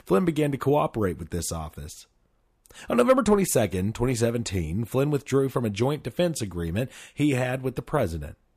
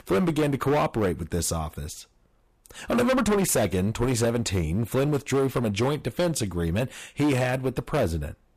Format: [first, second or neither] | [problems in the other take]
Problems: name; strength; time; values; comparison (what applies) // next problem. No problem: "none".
first | distortion; heavy; 14% of the sound clipped